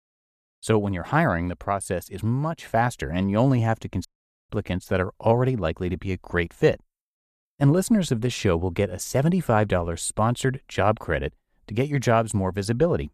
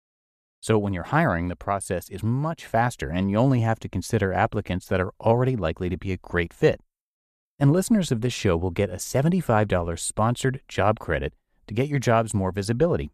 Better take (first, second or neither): second